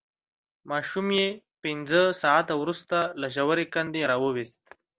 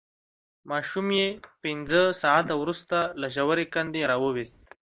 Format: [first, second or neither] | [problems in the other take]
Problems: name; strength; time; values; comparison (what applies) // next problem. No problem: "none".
first | noise reduction (neural mask model Resemble Enhance denoiser)